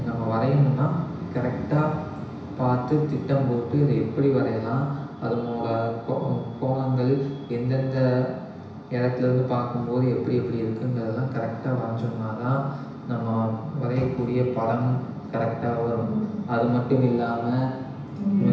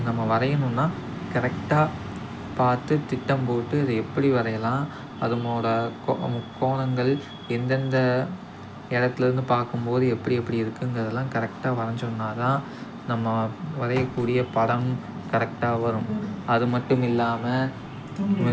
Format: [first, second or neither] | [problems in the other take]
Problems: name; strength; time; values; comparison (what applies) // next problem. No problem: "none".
second | room echo; dies away in 1 s